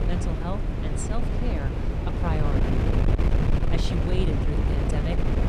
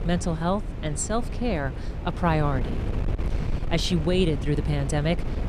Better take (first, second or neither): second